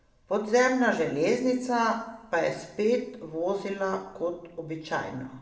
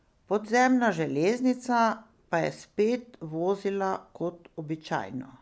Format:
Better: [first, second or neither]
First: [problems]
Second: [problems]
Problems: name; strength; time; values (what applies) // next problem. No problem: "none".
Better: second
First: room echo; dies away in 0.7 s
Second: none